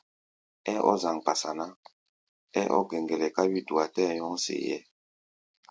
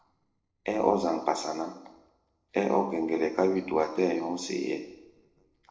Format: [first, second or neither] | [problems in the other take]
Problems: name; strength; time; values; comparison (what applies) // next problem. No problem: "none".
first | noise reduction (neural separator model SepFormer DNS4)